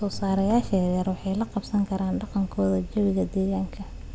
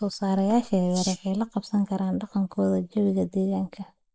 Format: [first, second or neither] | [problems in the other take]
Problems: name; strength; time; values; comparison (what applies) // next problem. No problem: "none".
first | noise reduction (neural mask model Resemble Enhance denoiser)